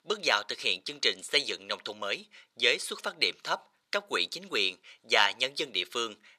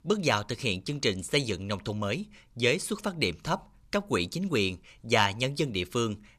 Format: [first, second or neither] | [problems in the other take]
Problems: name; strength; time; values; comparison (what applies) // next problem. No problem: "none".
second | thin; very; fading below 500 Hz